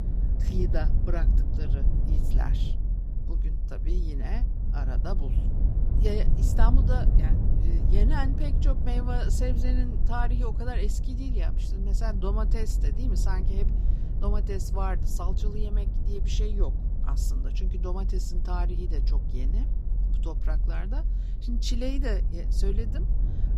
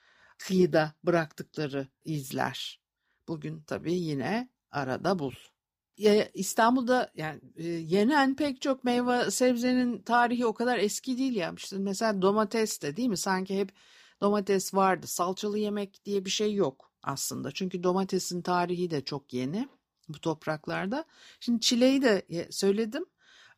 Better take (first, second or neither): second